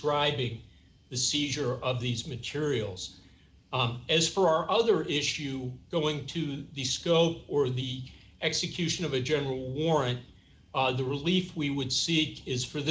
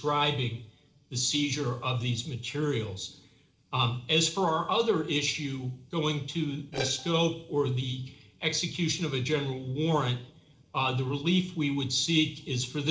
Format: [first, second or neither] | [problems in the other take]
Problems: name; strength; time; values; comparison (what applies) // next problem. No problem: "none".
first | noise reduction (neural separator model SepFormer DNS4)